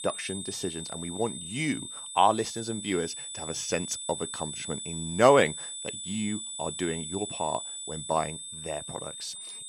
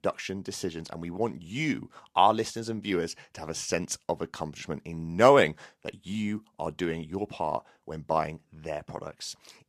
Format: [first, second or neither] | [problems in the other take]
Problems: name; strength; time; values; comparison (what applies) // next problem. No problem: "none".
second | high-pitched whine; loud; throughout; 8 kHz, 6 dB below the speech